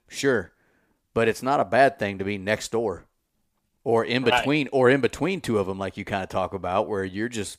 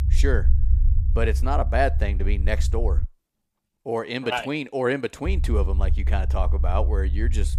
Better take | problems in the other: first | low rumble; noticeable; until 3 s and from 5.5 s on; 15 dB below the speech

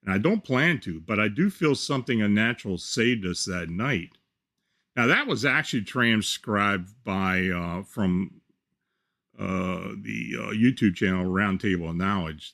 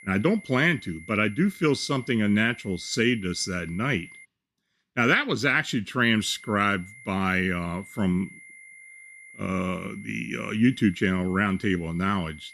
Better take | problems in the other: first | high-pitched whine; noticeable; until 4.5 s and from 6 s on; 2 kHz, 20 dB below the speech

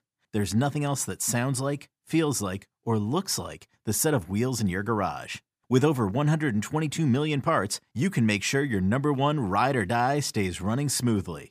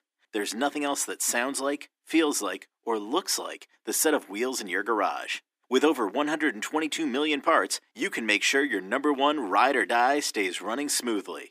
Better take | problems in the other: first | thin; somewhat; fading below 300 Hz

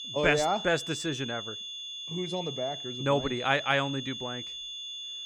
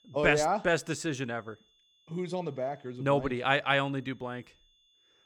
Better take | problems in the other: second | high-pitched whine; loud; throughout; 3.5 kHz, 7 dB below the speech; faint in the second

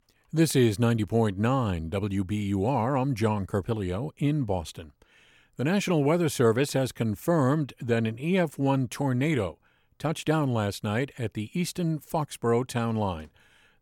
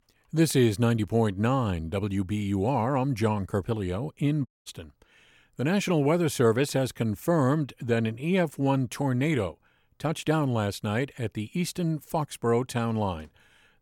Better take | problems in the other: first | audio cutting out; at 4.5 s

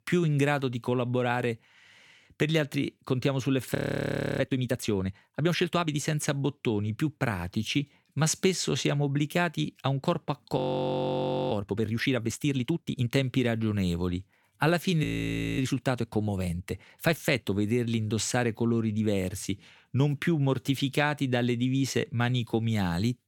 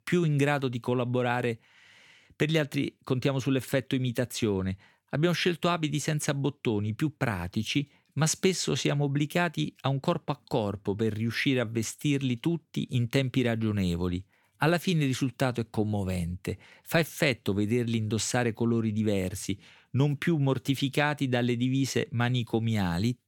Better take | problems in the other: second | audio freezing; at 4 s for 0.5 s, at 11 s for 1 s and at 15 s for 0.5 s

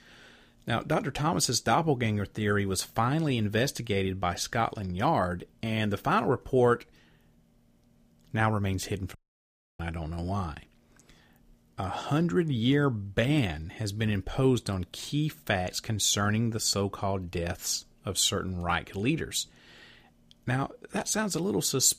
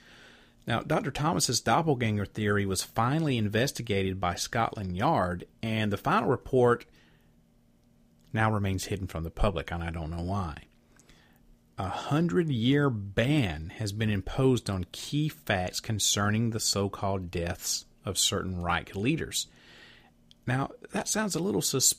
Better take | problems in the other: second | audio cutting out; at 9 s for 0.5 s

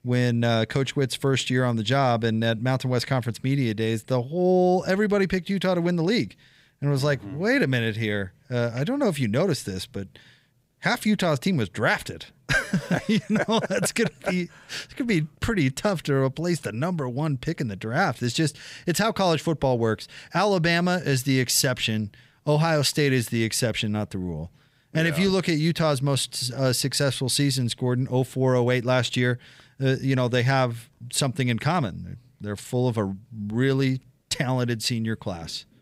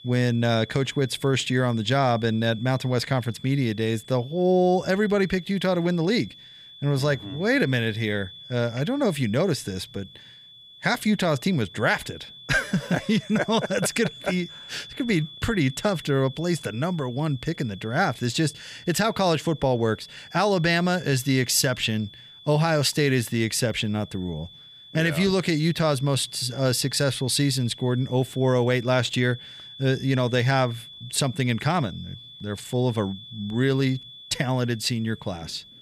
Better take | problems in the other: first | high-pitched whine; noticeable; throughout; 3.5 kHz, 20 dB below the speech

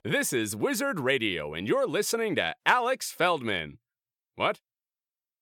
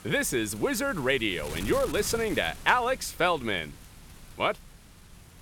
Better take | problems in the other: first | wind noise on the microphone; occasional gusts; 20 dB below the speech

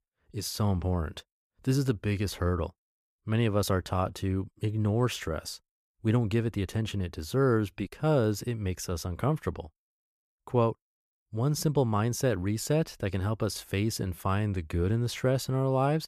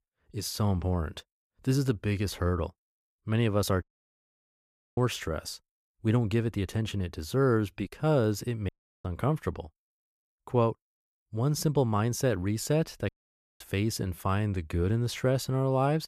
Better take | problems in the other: first | audio cutting out; at 4 s for 1 s, at 8.5 s and at 13 s for 0.5 s

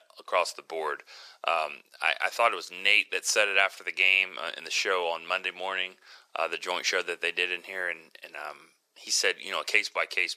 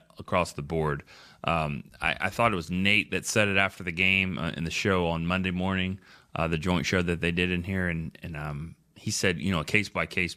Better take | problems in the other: second | thin; very; fading below 450 Hz

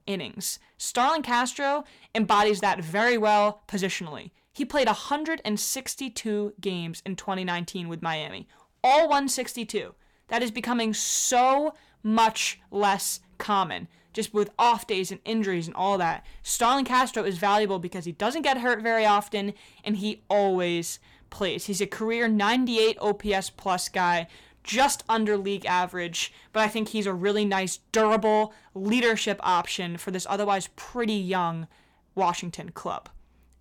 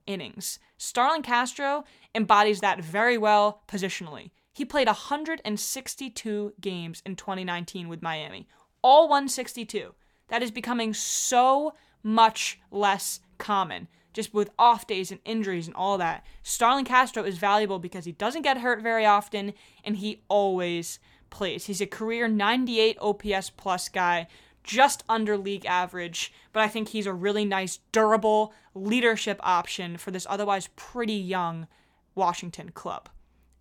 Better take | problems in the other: second | distortion; slight; 10 dB below the speech

